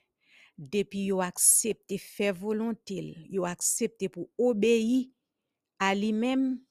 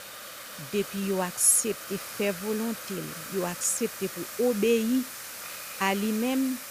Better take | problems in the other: first | hiss; noticeable; throughout; 10 dB below the speech

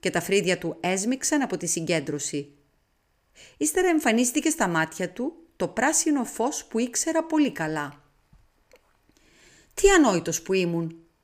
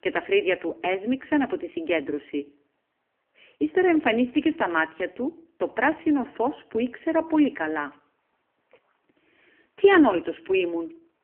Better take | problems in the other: first | phone-call audio; poor line; nothing above 3 kHz

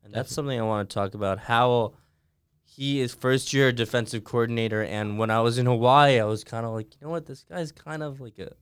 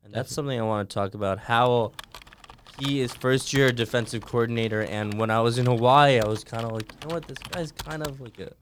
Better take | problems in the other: first | keyboard typing; faint; from 1.5 s on; peak 10 dB below the speech

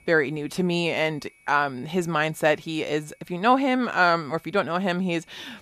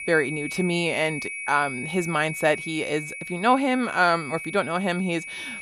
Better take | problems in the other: first | high-pitched whine; loud; throughout; 2.5 kHz, 8 dB below the speech; faint in the first

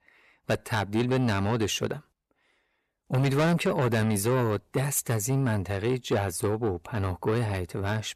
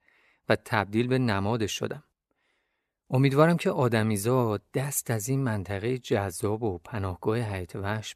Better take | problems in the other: second | distortion; heavy; 8 dB below the speech

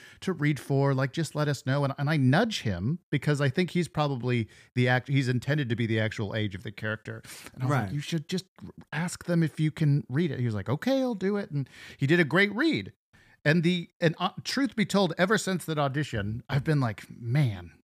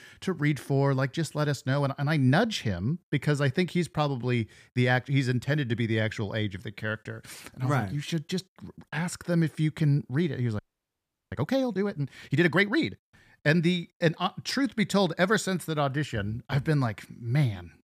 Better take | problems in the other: first | audio freezing; at 11 s for 0.5 s

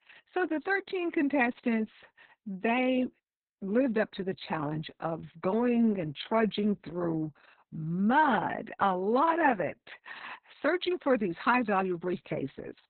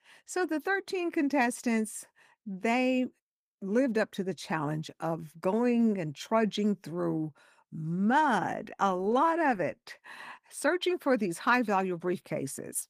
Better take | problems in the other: second | garbled, watery; badly; nothing above 4 kHz; slightly in the second

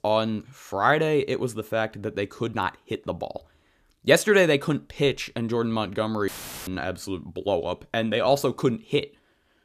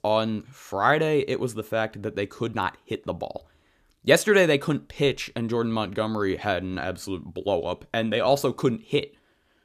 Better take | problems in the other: second | audio cutting out; filled with static; at 6.5 s

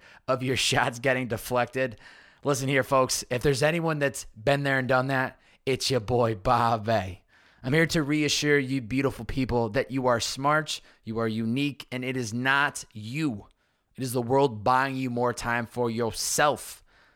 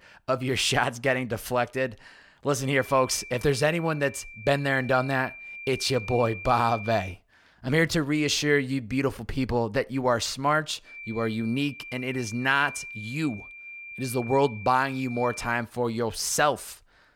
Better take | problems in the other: first | high-pitched whine; noticeable; from 2.5 to 7 s and from 11 to 16 s; 2.5 kHz, 15 dB below the speech

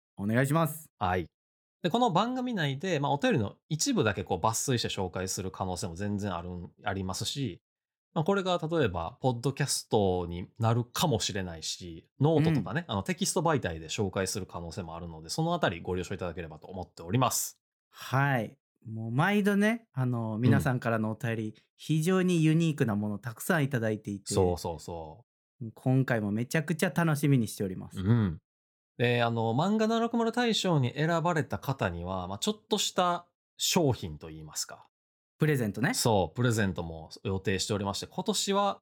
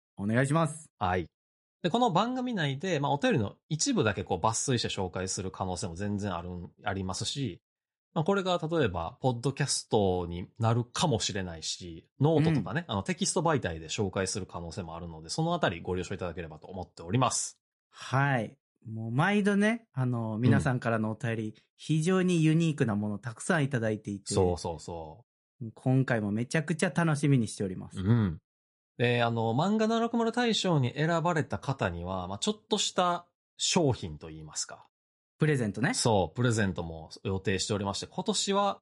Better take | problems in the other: first | garbled, watery; slightly; nothing above 11 kHz

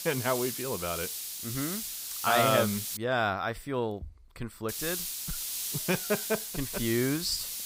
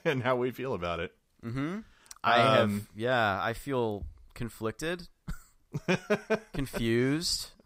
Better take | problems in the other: second | hiss; loud; until 3 s and from 4.5 s on; 3 dB below the speech

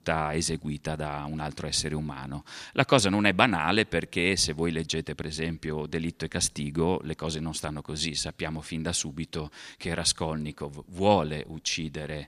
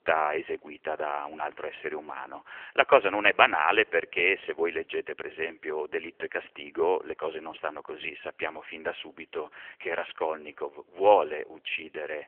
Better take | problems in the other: first | phone-call audio; nothing above 3 kHz

